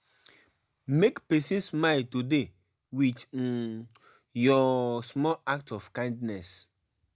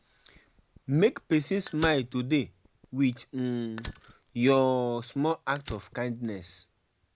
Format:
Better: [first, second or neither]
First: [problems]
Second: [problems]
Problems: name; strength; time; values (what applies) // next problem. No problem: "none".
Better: first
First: none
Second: background sound (Fire); 19 dB below the speech